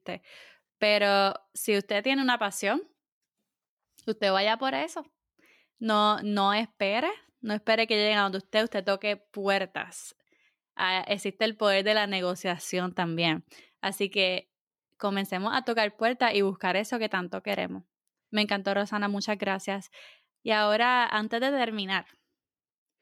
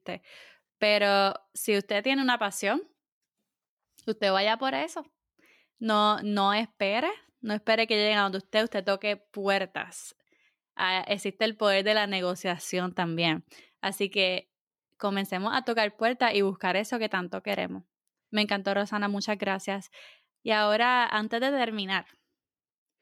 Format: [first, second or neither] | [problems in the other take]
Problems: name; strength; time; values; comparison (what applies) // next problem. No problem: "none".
neither | none